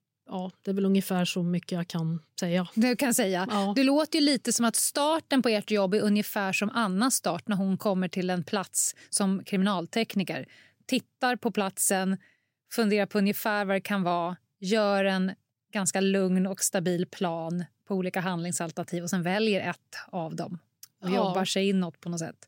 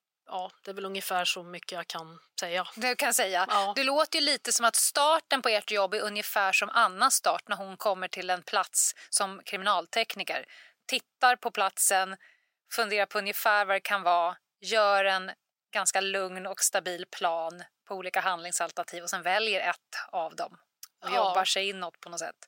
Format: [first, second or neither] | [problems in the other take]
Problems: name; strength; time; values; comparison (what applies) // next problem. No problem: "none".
first | thin; very; fading below 650 Hz